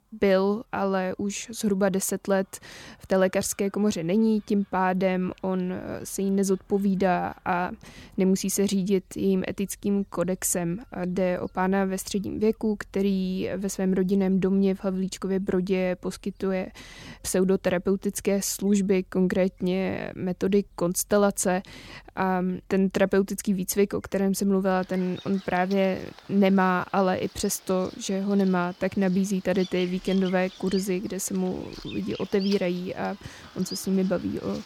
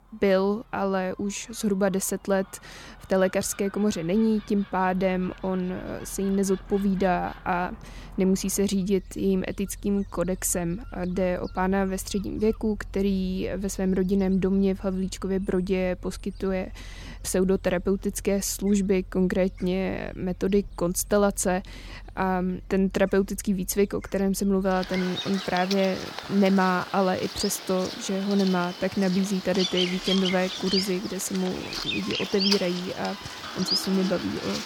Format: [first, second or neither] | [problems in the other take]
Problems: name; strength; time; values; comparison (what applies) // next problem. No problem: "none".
first | animal sounds; loud; throughout; 9 dB below the speech; faint in the first